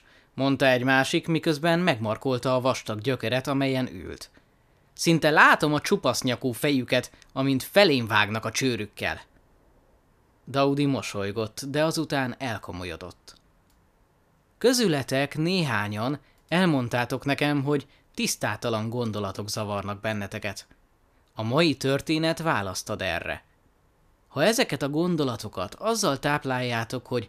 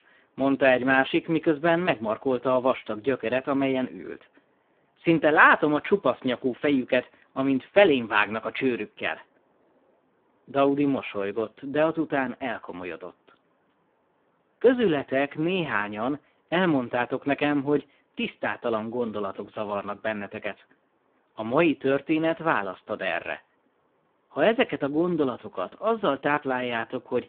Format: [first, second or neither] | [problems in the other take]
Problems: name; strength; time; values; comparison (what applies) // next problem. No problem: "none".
first | phone-call audio; poor line